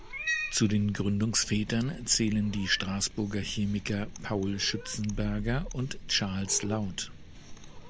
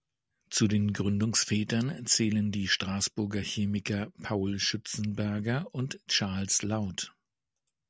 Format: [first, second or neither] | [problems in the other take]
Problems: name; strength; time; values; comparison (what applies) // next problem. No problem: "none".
second | background sound (Cat); 9 dB below the speech